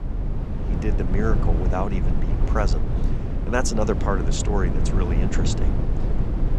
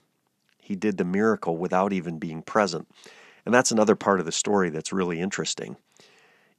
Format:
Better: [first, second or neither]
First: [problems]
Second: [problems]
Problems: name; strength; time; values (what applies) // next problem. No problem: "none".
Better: second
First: low rumble; loud; throughout; 6 dB below the speech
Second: none